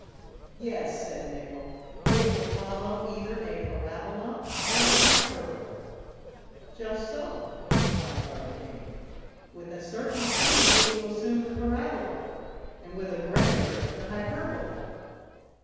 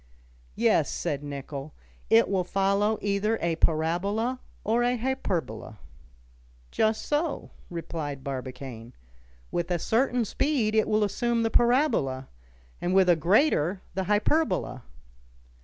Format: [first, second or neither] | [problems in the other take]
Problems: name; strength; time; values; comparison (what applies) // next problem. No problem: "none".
second | background sound (Fireworks); 3 dB above the speech // room echo; dies away in 1.9 s